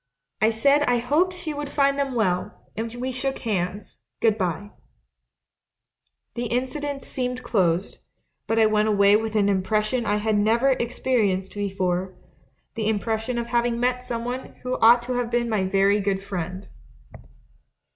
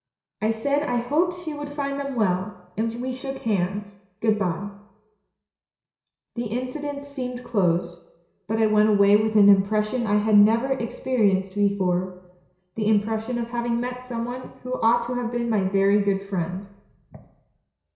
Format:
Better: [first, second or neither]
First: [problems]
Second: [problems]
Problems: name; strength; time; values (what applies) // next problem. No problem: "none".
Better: first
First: none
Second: room echo; dies away in 0.7 s